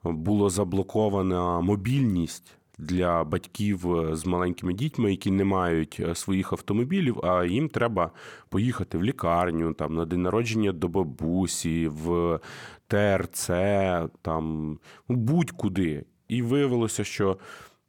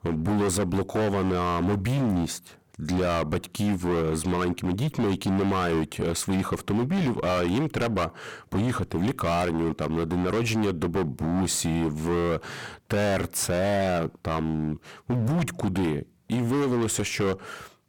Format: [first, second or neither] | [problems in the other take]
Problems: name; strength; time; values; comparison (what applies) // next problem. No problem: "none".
first | distortion; heavy; 25% of the sound clipped